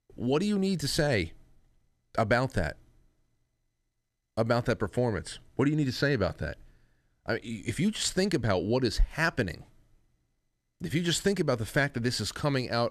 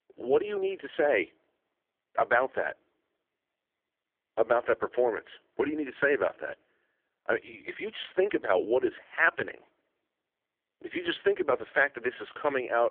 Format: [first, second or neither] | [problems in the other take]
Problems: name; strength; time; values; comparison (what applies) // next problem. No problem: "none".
first | phone-call audio; poor line; nothing above 3.5 kHz